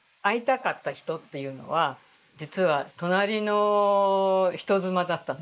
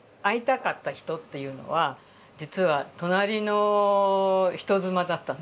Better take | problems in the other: second | noise reduction (neural mask model Resemble Enhance denoiser)

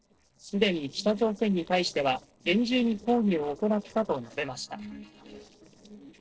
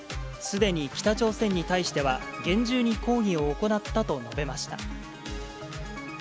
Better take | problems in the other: second | noise reduction (neural separator model SepFormer DNS4)

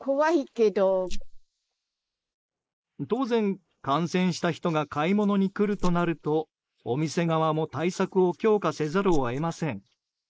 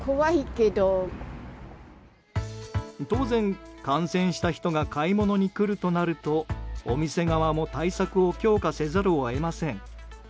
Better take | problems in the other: second | noise reduction (neural mask model Resemble Enhance denoiser)

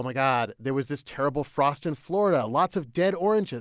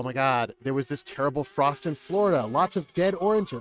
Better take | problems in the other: first | noise reduction (neural mask model RNNoise)

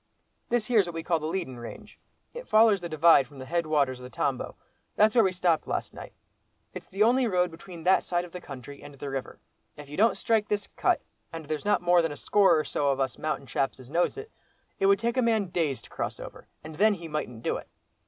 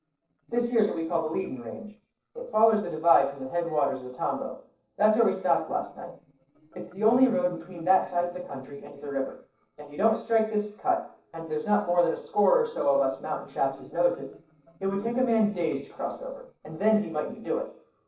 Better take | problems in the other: first | noise reduction (neural separator model SepFormer DNS4)

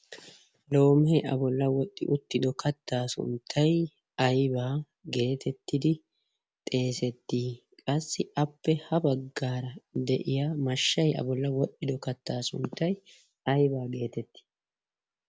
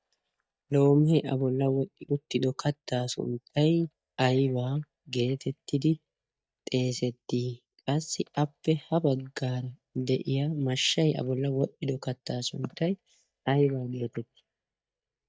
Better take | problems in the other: first | noise reduction (neural mask model DeepFilterNet 3)

